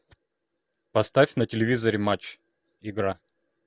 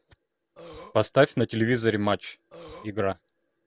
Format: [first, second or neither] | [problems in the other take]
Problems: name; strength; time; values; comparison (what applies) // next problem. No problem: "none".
first | background sound (Burping, eructation); 18 dB below the speech